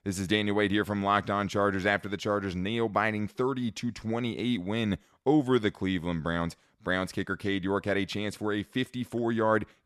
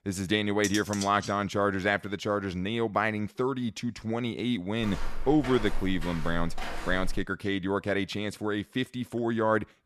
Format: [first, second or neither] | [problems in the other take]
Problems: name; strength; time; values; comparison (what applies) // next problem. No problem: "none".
first | clattering dishes; noticeable; at 0.5 s; peak 6 dB below the speech // footsteps; noticeable; from 5 to 7 s; peak 8 dB below the speech